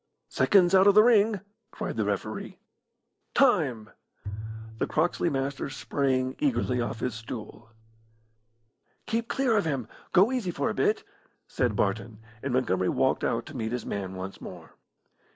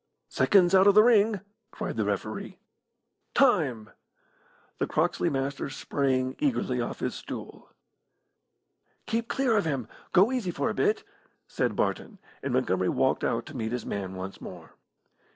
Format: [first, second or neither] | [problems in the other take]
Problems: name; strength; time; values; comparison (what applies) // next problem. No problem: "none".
second | background sound (Bowed string instrument); 12 dB below the speech